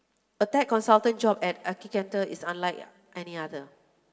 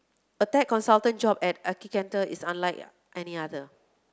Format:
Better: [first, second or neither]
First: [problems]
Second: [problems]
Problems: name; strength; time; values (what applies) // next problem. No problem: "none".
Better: second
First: room echo; dies away in 1.2 s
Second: none